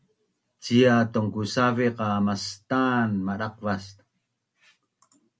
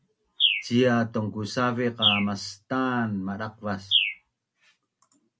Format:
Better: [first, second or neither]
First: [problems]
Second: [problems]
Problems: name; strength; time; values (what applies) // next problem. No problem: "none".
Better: first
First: none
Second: background sound (Bird); 2 dB below the speech